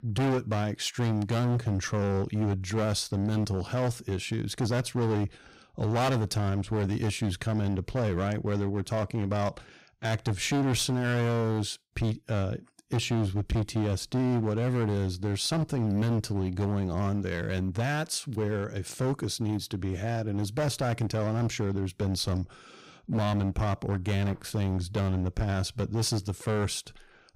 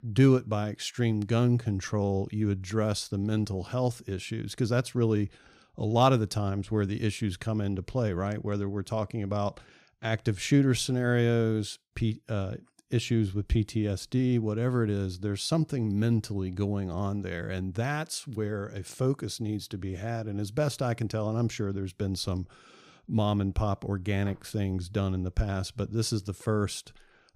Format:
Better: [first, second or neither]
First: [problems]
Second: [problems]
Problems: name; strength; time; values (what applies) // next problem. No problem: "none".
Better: second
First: distortion; heavy; 17% of the sound clipped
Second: none